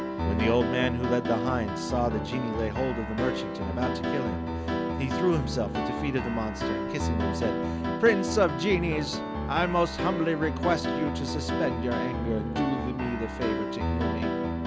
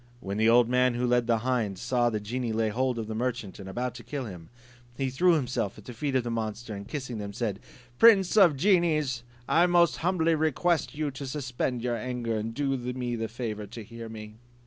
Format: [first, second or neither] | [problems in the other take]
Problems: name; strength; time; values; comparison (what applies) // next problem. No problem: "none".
second | background sound (Piano); as loud as the speech